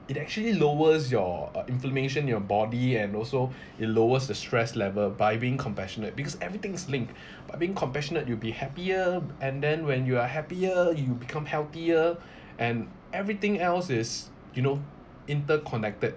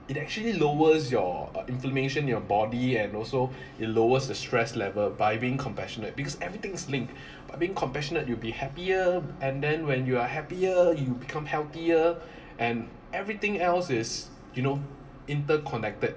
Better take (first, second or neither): first